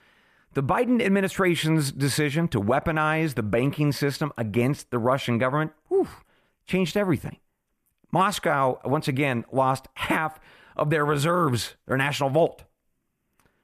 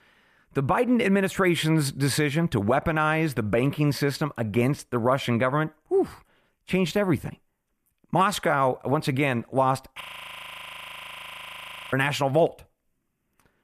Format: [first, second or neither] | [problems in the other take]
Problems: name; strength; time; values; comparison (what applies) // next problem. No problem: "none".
first | audio freezing; at 10 s for 2 s